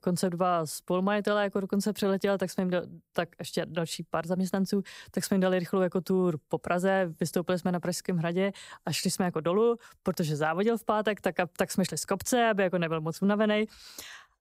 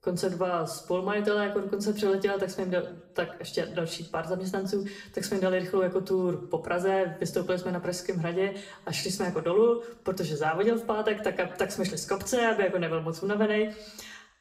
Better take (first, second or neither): first